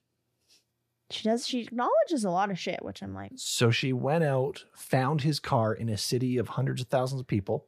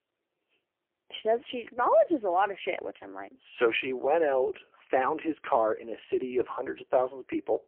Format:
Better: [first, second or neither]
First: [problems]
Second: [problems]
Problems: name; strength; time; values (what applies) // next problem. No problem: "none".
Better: first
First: none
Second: phone-call audio; poor line; nothing above 3 kHz